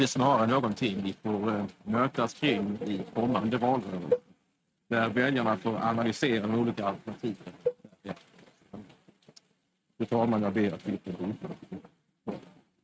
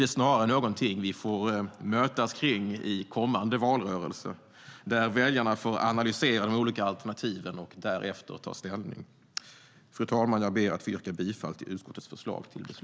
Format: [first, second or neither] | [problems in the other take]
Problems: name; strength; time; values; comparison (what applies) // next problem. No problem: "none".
second | noise reduction (neural mask model RNNoise)